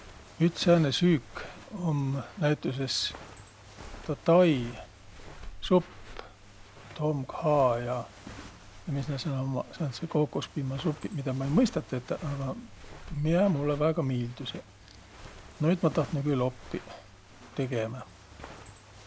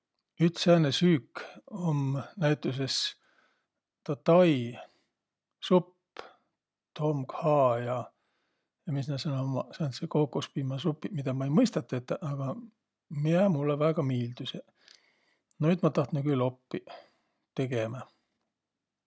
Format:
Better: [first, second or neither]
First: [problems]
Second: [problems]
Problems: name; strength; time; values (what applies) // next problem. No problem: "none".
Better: second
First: background sound (Walk, footsteps); 17 dB below the speech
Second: none